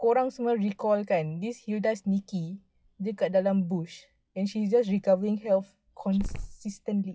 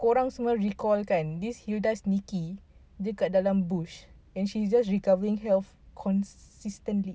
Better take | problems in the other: second | noise reduction (classical method log-MMSE)

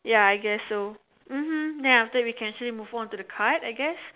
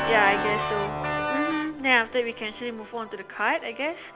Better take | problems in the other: first | background sound (Organ); 4 dB below the speech

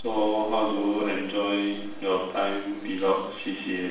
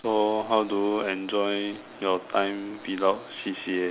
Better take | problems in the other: second | room echo; dies away in 0.6 s

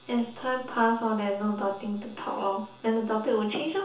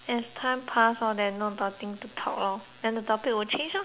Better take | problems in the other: second | room echo; dies away in 0.7 s

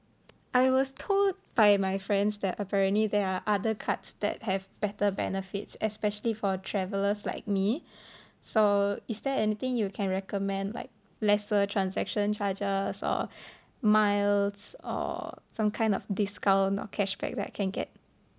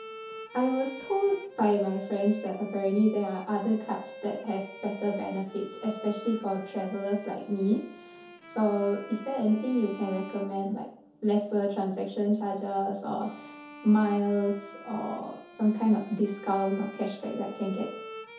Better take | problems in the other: first | background sound (Bowed string instrument); 17 dB below the speech // room echo; dies away in 0.5 s

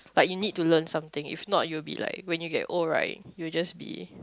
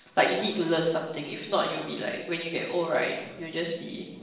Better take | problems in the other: first | room echo; dies away in 0.9 s

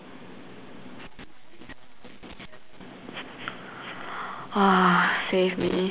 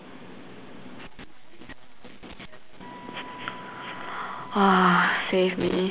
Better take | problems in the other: first | background sound (Wind instrument, woodwind instrument); 19 dB below the speech

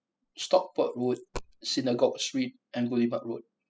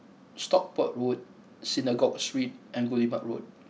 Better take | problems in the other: second | noise reduction (classical method spectral subtraction)

